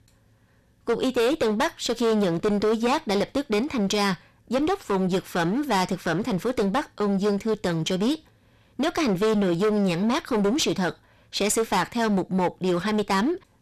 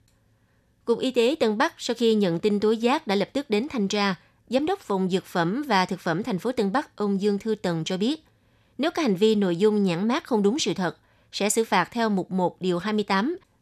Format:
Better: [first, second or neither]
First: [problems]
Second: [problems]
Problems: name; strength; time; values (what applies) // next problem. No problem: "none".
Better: second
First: distortion; heavy; 16% of the sound clipped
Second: none